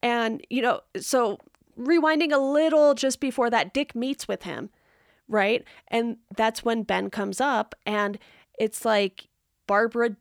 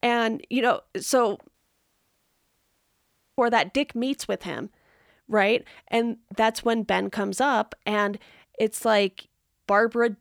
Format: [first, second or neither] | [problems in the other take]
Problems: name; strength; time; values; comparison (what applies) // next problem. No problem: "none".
first | audio cutting out; at 1.5 s for 2 s